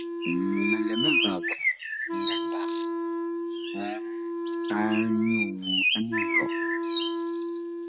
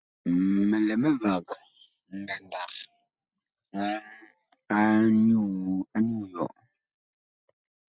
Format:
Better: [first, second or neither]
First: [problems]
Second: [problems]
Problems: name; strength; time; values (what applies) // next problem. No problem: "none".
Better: second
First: background sound (Bird + Wind instrument, woodwind instrument); 4 dB above the speech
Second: none